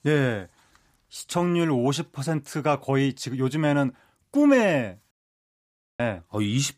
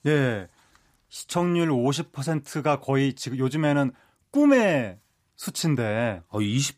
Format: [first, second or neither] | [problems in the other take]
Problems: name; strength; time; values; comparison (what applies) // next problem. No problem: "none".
second | audio cutting out; at 5 s for 1 s